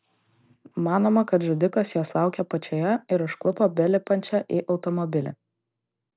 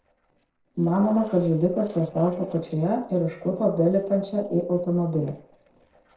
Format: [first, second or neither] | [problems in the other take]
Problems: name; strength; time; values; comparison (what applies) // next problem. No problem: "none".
first | noise reduction (neural separator model SepFormer DNS4)